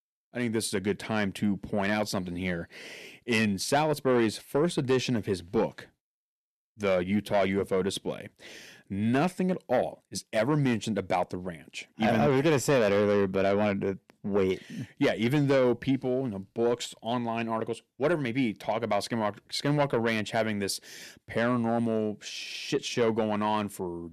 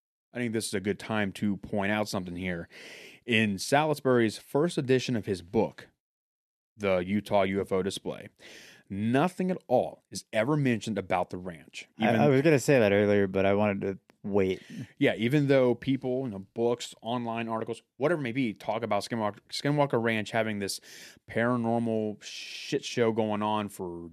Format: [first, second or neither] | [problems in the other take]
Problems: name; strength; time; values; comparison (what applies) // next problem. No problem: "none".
second | distortion; slight; 10 dB below the speech